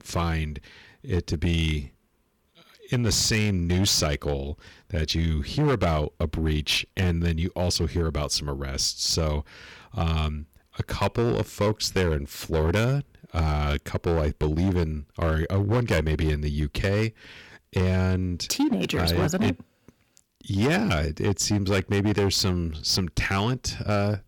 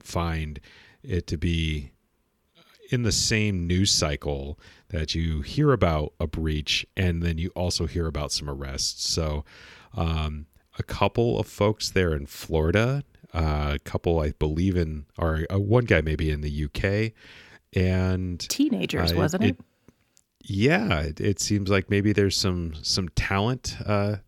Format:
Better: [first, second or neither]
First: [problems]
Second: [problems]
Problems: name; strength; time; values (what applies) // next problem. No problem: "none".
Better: second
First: distortion; slight; 9% of the sound clipped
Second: none